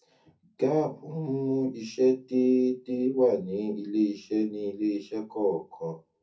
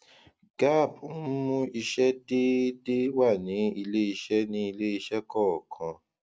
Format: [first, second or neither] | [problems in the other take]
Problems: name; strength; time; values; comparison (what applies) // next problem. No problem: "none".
second | room echo; dies away in 0.3 s